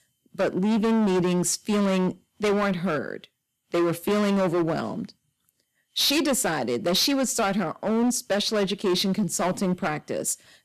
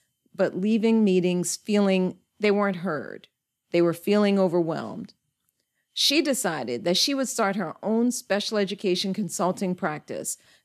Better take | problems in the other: second | distortion; heavy; 17% of the sound clipped

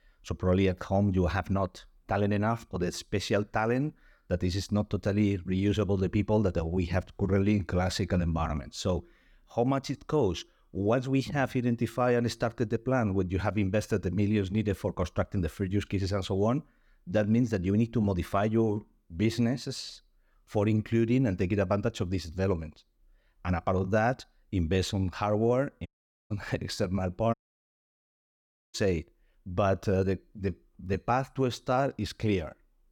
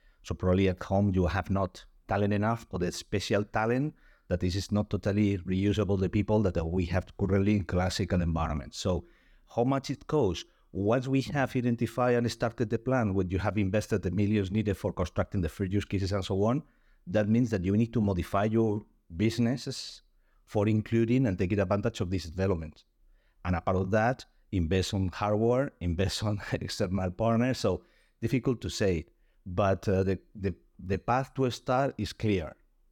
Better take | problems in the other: second | audio cutting out; at 26 s and at 27 s for 1.5 s

